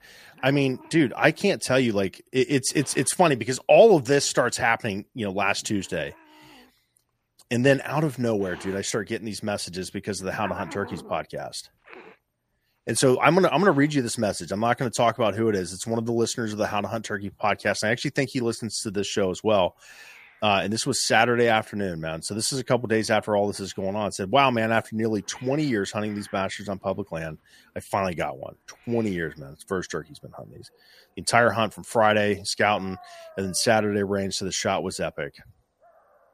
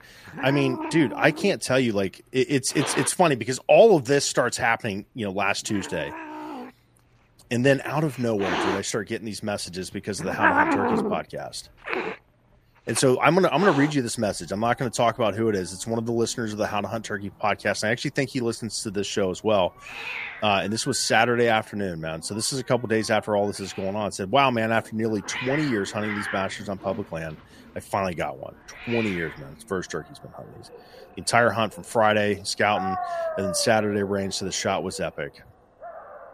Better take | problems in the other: first | animal sounds; loud; throughout; 7 dB below the speech; faint in the first

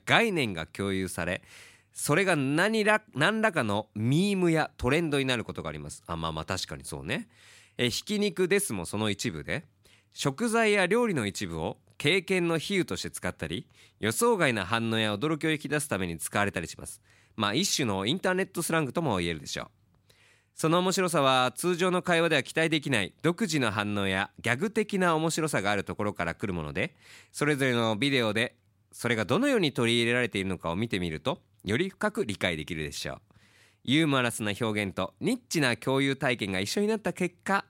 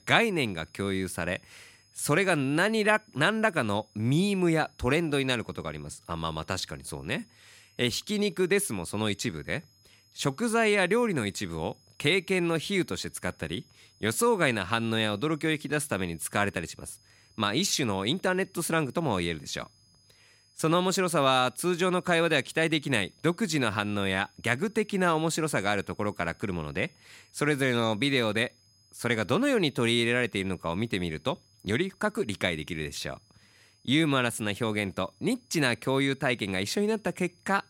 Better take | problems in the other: first | high-pitched whine; faint; throughout; 5 kHz, 35 dB below the speech

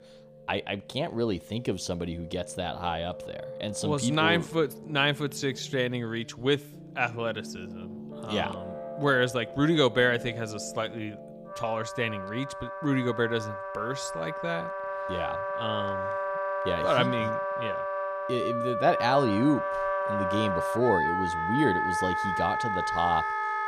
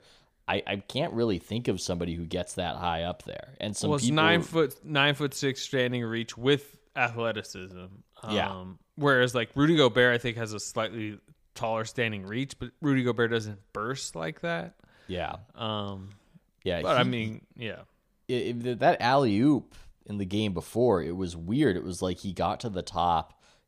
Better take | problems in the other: second | background music; loud; throughout; 3 dB below the speech

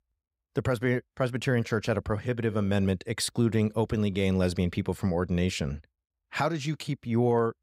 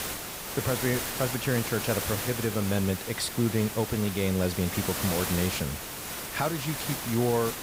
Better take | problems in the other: first | hiss; loud; throughout; 3 dB below the speech

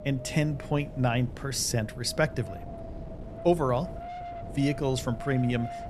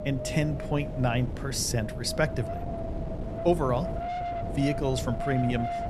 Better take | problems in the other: first | wind noise on the microphone; heavy; 4 dB below the speech; occasional gusts in the first

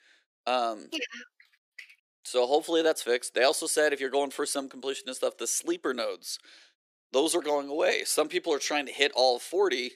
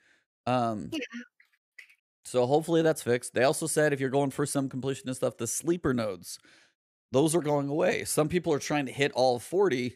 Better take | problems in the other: second | thin; somewhat; fading below 350 Hz

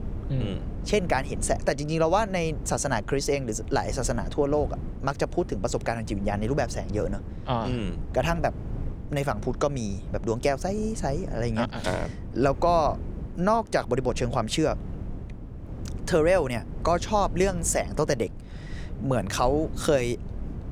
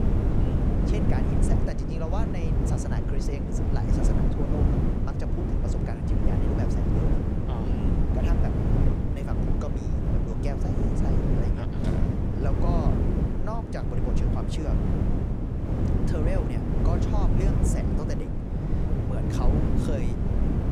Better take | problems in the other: first | wind noise on the microphone; heavy; 4 dB above the speech; occasional gusts in the first

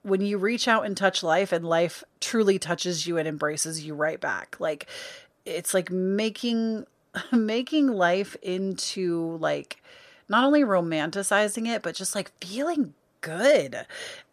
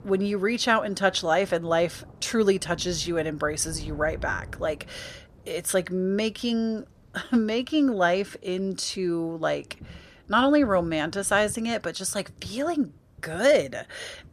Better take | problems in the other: first | rain or running water; faint; throughout; 20 dB below the speech

